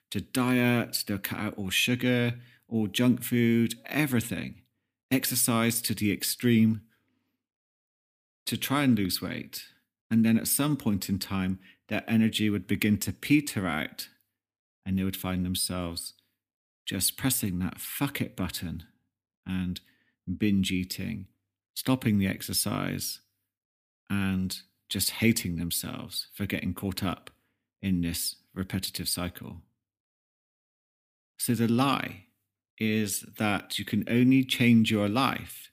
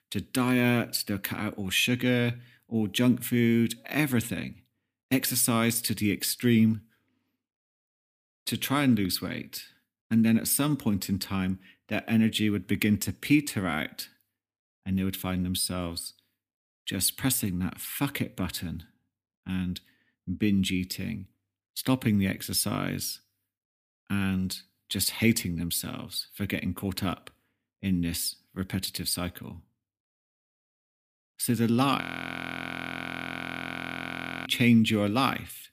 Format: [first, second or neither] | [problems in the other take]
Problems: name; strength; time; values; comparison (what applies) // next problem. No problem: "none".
first | audio freezing; at 32 s for 2.5 s